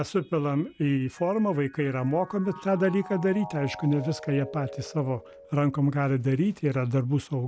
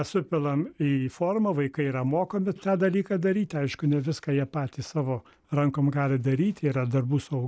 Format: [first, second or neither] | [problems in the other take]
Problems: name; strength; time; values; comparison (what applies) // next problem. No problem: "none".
second | background sound (Mallet percussion); 18 dB below the speech